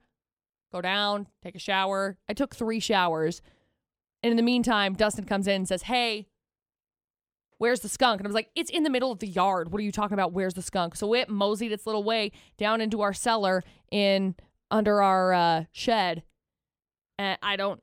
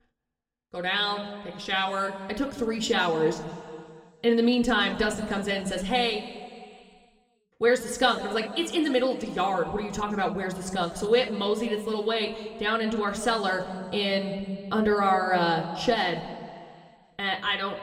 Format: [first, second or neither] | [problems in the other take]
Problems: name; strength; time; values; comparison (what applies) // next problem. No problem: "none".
first | room echo; slight; dies away in 2 s // off-mic speech; somewhat distant